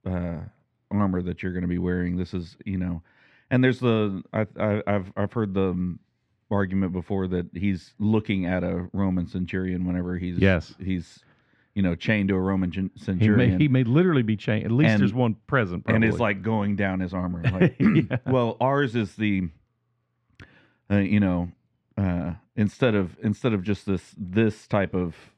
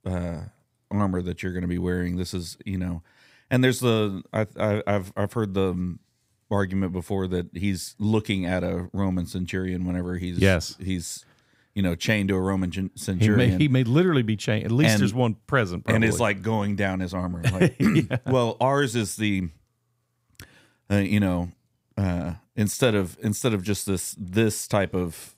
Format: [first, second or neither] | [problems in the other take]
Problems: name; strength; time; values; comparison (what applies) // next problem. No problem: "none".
second | muffled; slightly; fading above 2.5 kHz